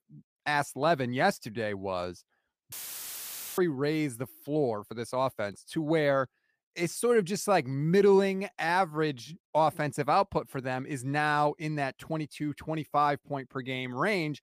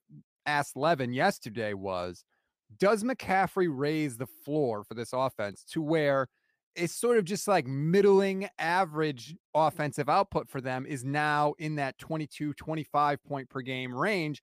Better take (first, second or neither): second